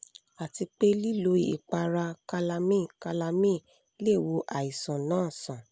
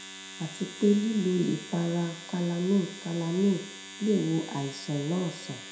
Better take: first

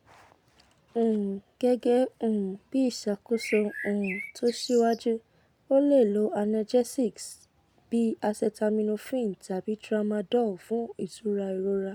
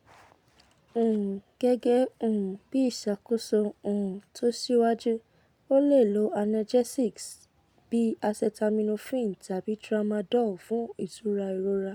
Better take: second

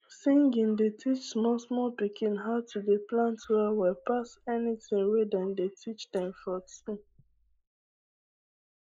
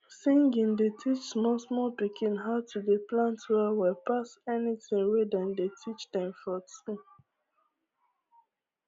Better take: second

